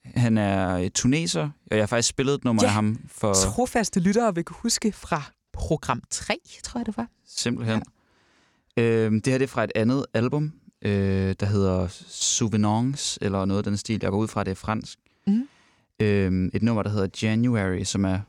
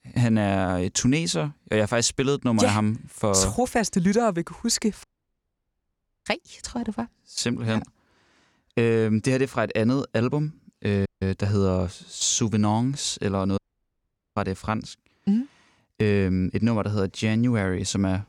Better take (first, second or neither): first